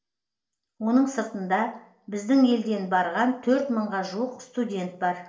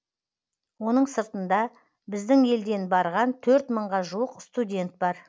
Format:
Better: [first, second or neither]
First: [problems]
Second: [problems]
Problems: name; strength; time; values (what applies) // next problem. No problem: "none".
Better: second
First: room echo; dies away in 0.5 s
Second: none